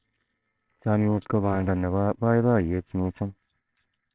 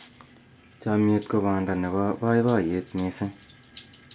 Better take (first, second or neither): second